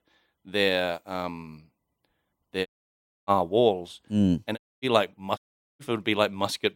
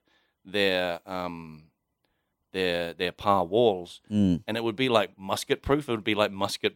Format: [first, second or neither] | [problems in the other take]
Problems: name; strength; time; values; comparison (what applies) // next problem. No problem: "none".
second | audio cutting out; at 2.5 s for 0.5 s, at 4.5 s and at 5.5 s